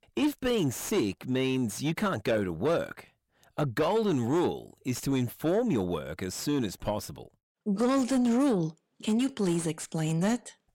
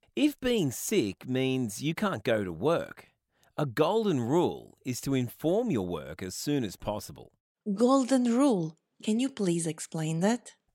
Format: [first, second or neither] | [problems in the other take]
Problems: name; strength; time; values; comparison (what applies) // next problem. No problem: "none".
second | distortion; slight; 10 dB below the speech